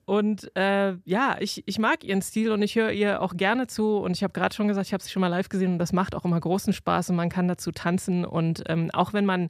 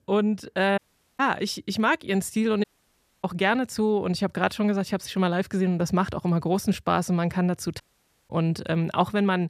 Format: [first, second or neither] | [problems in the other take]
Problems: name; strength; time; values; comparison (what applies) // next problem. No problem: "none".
first | audio cutting out; at 1 s, at 2.5 s for 0.5 s and at 8 s